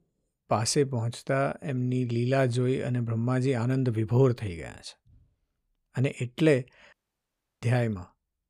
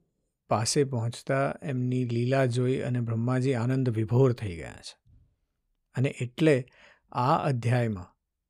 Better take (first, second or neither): second